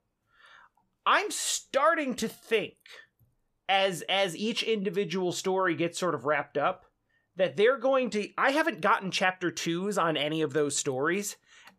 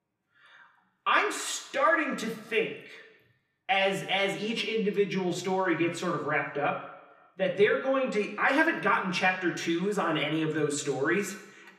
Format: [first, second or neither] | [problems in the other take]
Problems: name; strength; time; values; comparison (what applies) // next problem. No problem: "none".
first | room echo; slight; dies away in 0.9 s // off-mic speech; somewhat distant